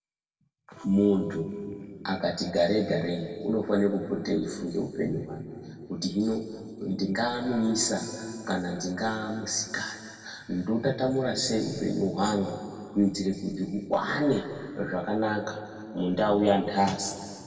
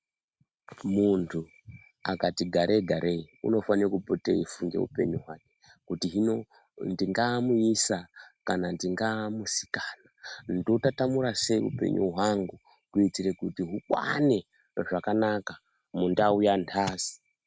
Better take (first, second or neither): second